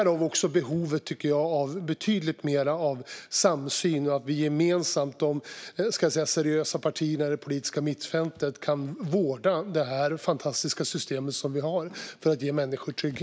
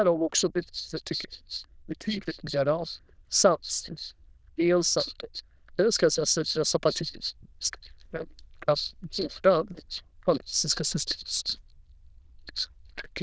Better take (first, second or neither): first